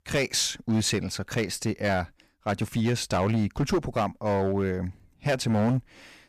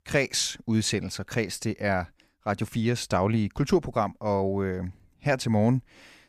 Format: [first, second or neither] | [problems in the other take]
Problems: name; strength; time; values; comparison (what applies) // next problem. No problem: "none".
second | distortion; slight; 8% of the sound clipped